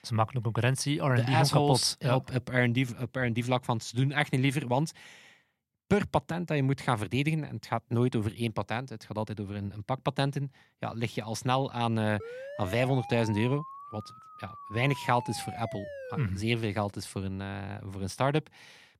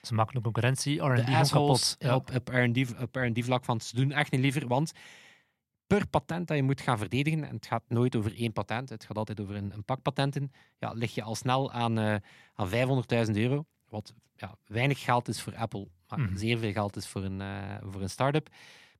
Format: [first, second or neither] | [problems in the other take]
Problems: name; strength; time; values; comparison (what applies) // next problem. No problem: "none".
second | siren; faint; from 12 to 16 s; peak 10 dB below the speech